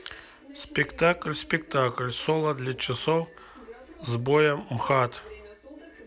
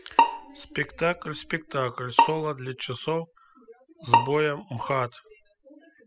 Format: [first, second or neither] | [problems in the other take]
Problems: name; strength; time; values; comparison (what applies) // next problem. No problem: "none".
first | noise reduction (classical method spectral subtraction)